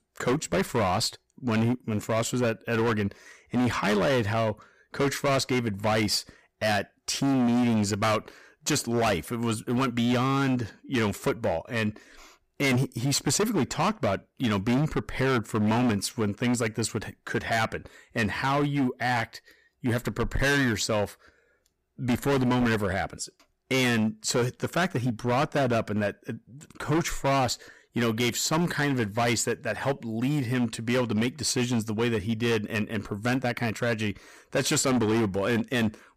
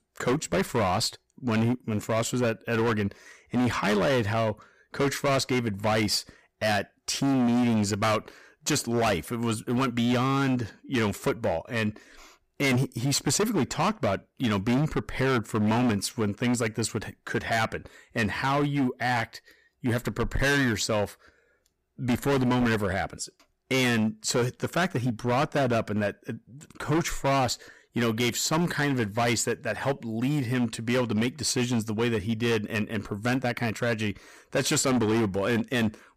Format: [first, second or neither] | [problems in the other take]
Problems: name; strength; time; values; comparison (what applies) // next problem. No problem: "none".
neither | distortion; heavy; 15% of the sound clipped; the same in both